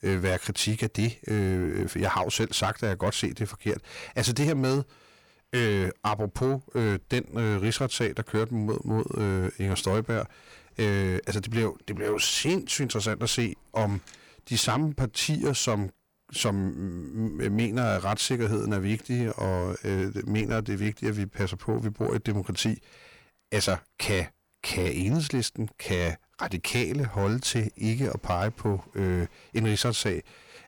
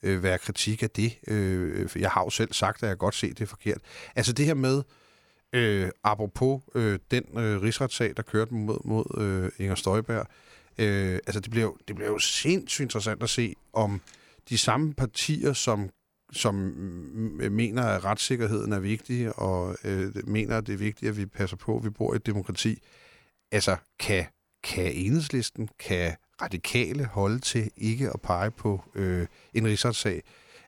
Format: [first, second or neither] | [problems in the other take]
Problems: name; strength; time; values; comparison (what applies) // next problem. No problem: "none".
second | distortion; slight; 10 dB below the speech